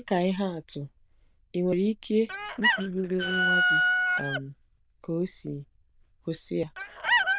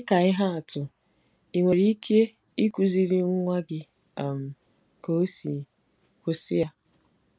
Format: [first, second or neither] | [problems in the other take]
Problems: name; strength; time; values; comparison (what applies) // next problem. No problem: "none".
second | noise reduction (neural diffusion model UNIVERSE++)